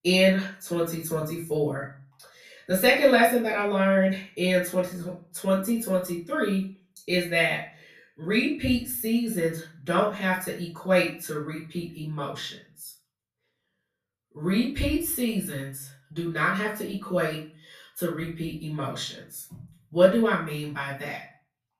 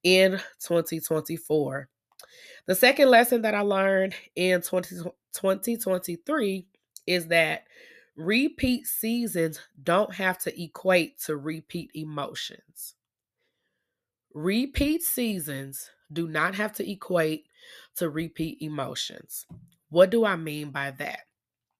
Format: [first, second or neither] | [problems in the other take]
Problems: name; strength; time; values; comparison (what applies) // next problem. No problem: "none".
second | off-mic speech; far // room echo; slight; dies away in 0.3 s